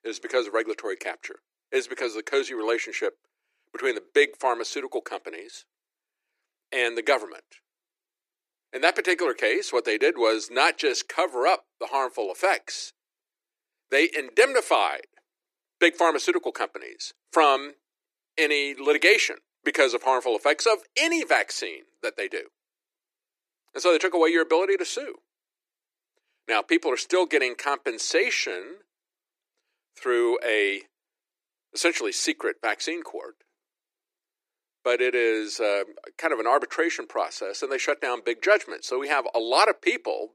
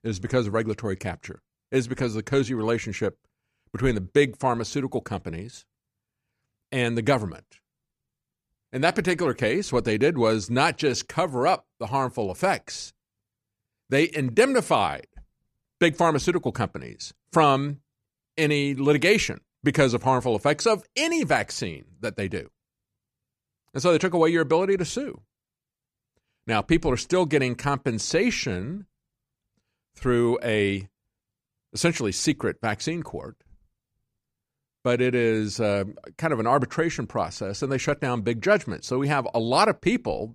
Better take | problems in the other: second | thin; very; fading below 350 Hz

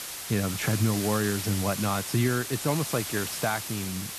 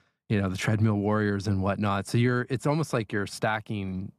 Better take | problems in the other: second | hiss; loud; throughout; 4 dB below the speech

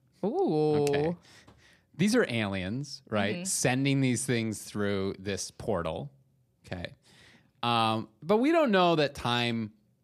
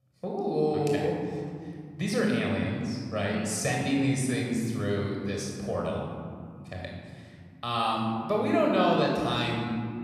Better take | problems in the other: first | off-mic speech; somewhat distant // room echo; noticeable; dies away in 2.1 s

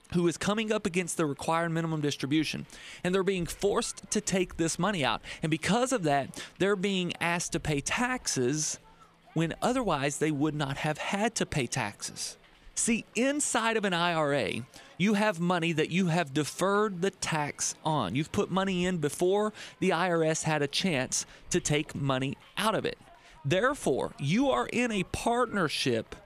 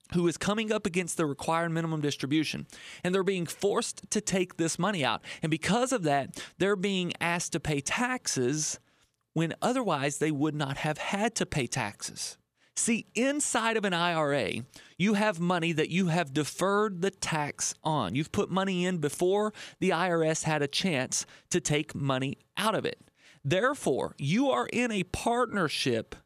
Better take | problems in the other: second | hiss; faint; throughout; 30 dB below the speech

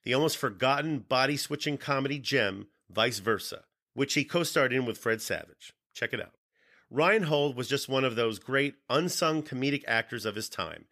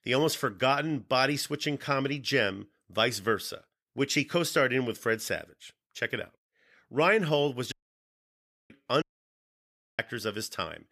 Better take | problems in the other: first | audio cutting out; at 7.5 s for 1 s and at 9 s for 1 s

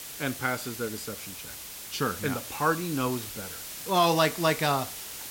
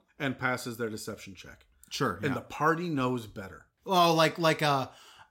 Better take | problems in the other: second | hiss; loud; throughout; 9 dB below the speech

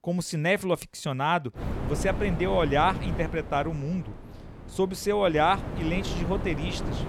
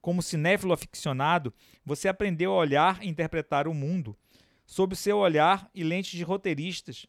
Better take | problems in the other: second | wind noise on the microphone; occasional gusts; from 1.5 s on; 10 dB below the speech

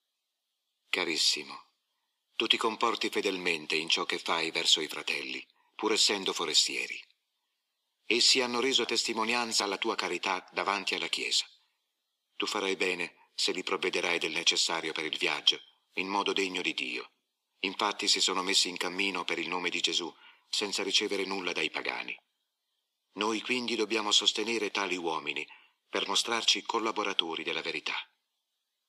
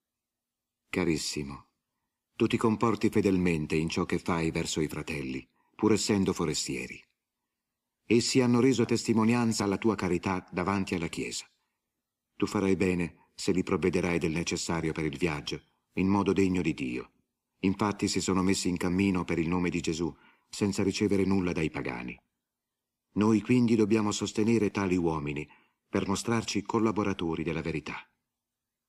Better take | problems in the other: second | thin; very; fading below 600 Hz

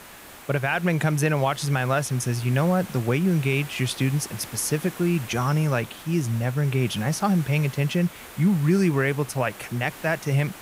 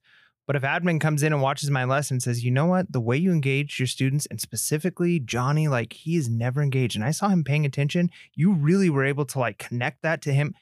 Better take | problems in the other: second | hiss; noticeable; throughout; 15 dB below the speech

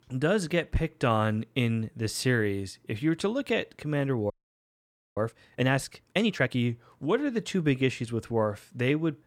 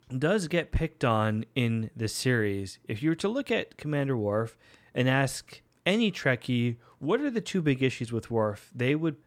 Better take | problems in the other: second | audio freezing; at 4.5 s for 1 s

